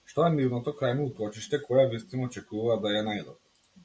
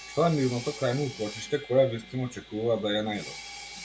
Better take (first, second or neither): first